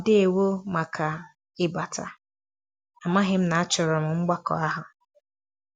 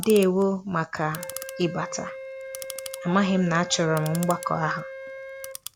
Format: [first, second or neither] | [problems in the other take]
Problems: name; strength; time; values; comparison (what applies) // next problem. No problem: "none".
first | background sound (Clock + Wind instrument, woodwind instrument); 12 dB below the speech